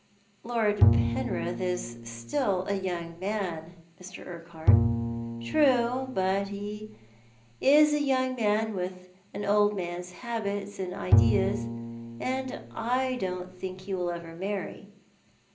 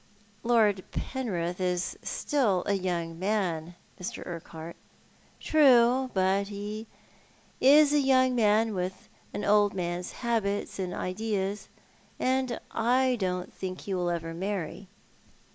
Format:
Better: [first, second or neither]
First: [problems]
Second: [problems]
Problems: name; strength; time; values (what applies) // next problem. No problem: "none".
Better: second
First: background sound (Bowed string instrument); as loud as the speech // room echo; dies away in 0.5 s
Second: none